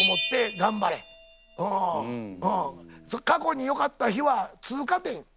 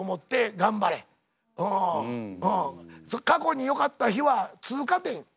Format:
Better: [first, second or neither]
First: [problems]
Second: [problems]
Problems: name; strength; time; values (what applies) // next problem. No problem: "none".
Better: second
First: background sound (Bell); 8 dB below the speech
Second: none